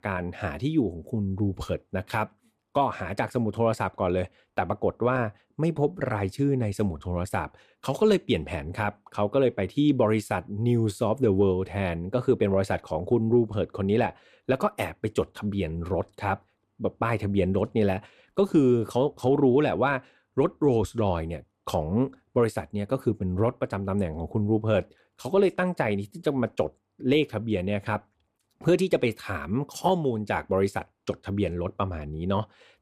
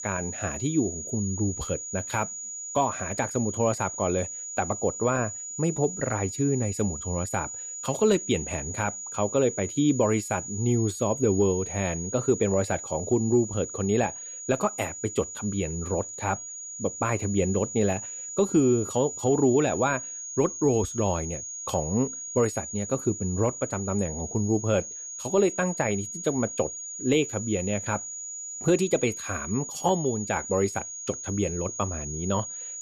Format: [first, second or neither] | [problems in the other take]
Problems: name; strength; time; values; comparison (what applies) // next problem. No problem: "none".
first | high-pitched whine; loud; throughout; 7 kHz, 7 dB below the speech